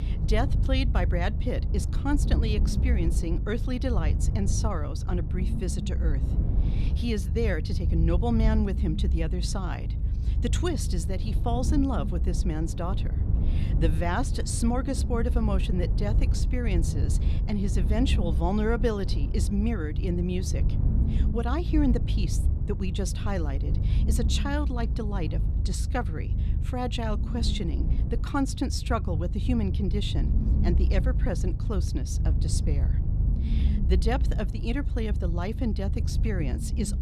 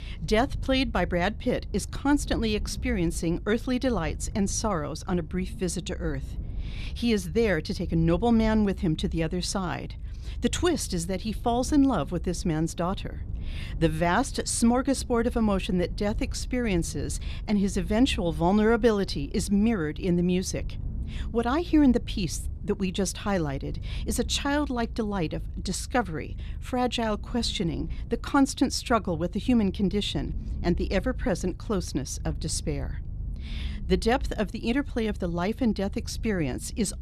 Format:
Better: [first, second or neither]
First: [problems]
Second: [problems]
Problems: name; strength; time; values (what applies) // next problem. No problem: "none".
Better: second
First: low rumble; loud; throughout; 9 dB below the speech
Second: low rumble; faint; throughout; 25 dB below the speech